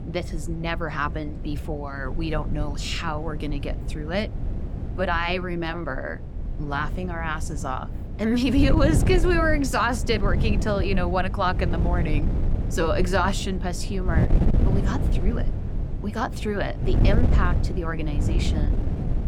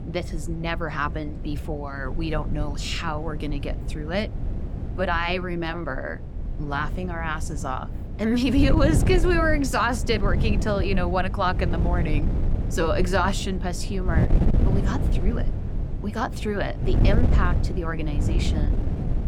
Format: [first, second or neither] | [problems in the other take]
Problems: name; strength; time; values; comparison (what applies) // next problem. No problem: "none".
neither | wind noise on the microphone; occasional gusts; 10 dB below the speech; the same in both